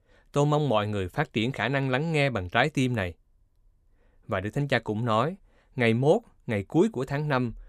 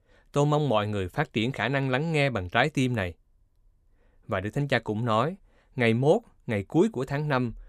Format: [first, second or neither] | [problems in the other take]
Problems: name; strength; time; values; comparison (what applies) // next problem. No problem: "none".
neither | none